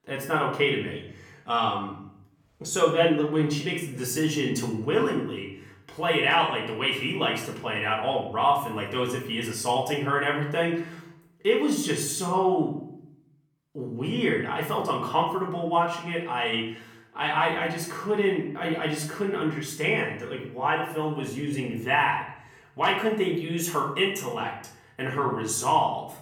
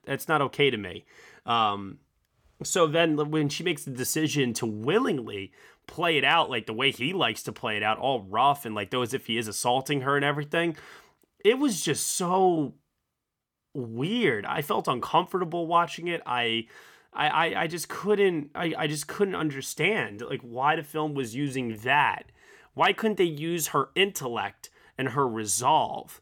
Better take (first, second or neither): second